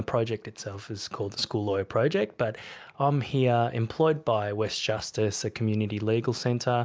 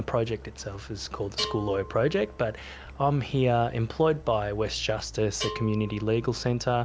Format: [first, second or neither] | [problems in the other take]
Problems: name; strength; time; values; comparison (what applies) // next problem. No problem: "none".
first | background sound (Bell + Idling); 14 dB below the speech